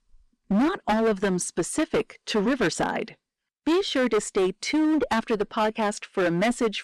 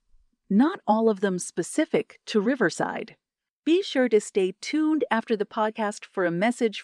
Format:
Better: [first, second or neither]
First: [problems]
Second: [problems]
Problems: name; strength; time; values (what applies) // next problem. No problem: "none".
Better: second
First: distortion; heavy; 16% of the sound clipped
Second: none